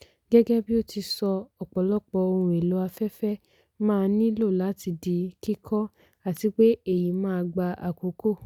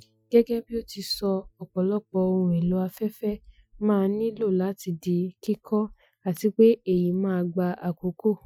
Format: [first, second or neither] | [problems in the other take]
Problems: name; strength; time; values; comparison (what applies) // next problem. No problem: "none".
first | noise reduction (classical method Wiener filter)